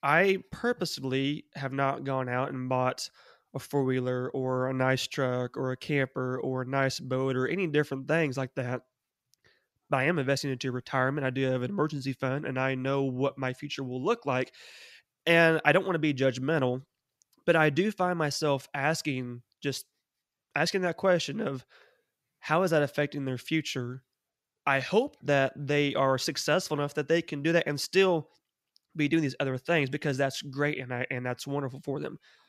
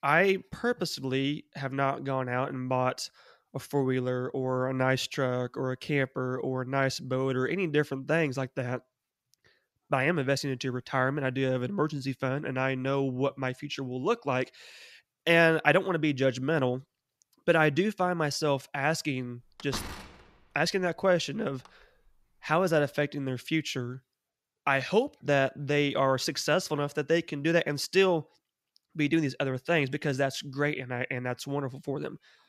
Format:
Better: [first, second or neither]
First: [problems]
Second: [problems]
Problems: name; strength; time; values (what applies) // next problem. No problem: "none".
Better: first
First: none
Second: door banging; faint; from 20 to 22 s; peak 10 dB below the speech